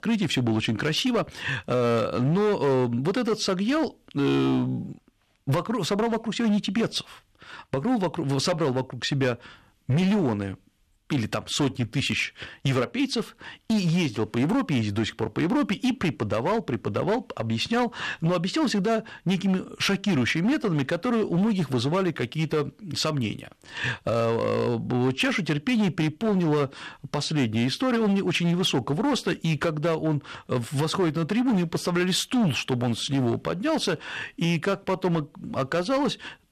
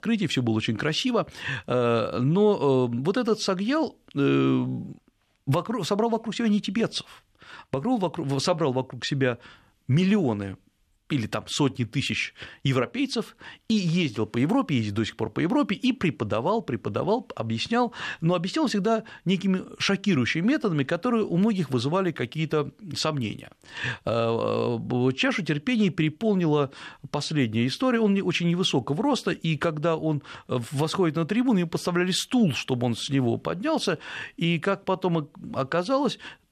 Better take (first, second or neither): second